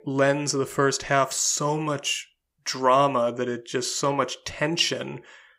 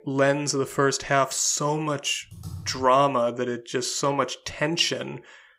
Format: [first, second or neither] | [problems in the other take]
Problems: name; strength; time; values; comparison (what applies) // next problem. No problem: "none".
first | keyboard typing; faint; at 2.5 s; peak 15 dB below the speech